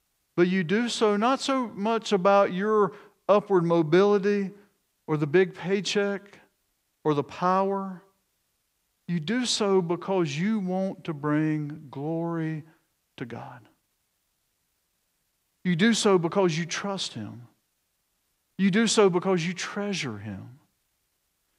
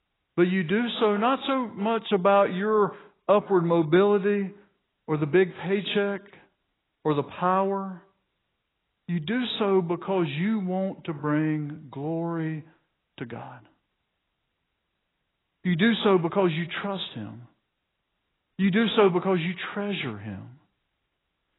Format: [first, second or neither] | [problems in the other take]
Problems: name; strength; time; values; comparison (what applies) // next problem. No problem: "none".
first | garbled, watery; badly; nothing above 4 kHz